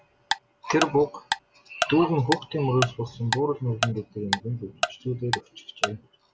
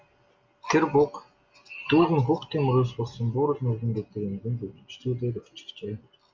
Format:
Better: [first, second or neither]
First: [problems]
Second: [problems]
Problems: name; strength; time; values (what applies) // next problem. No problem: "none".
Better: second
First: background sound (Tick-tock); 5 dB below the speech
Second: none